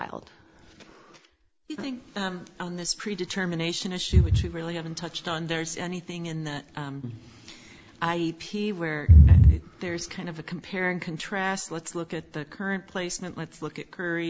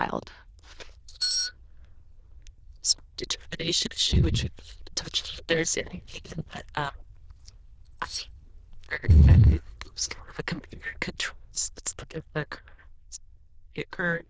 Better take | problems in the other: first | noise reduction (neural diffusion model UNIVERSE++)

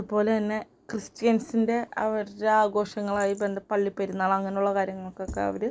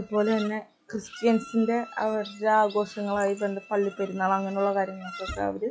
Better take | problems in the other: first | noise reduction (classical method log-MMSE)

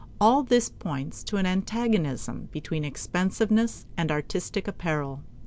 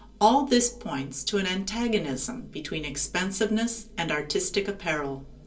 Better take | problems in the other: first | room echo; dies away in 0.3 s

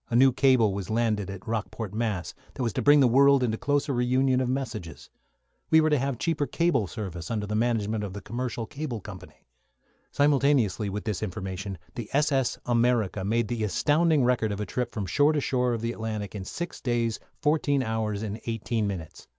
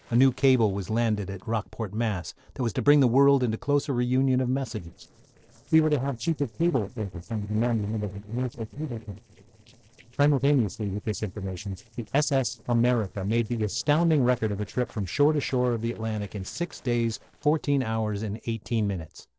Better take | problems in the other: first | noise reduction (neural separator model SepFormer DNS4)

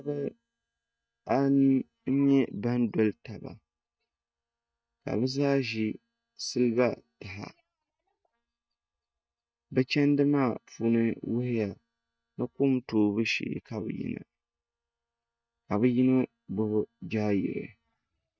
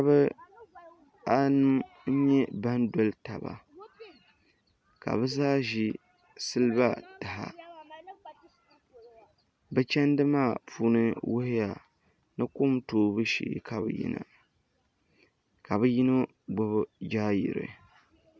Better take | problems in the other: second | noise reduction (neural mask model DeepFilterNet 3)

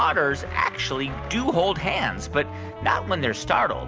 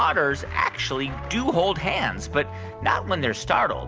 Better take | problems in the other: second | background sound (Wind instrument, woodwind instrument); 19 dB below the speech

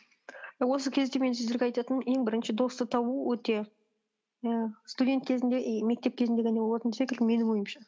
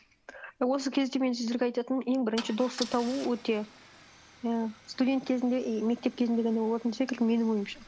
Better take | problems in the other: first | background sound (Idling / Engine starting / Car); 19 dB below the speech

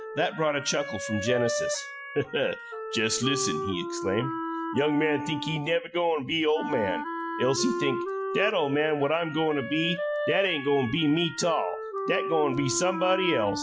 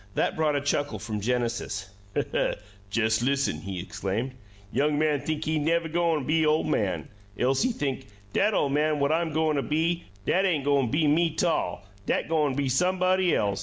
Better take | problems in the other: second | noise reduction (classical method Wiener filter)

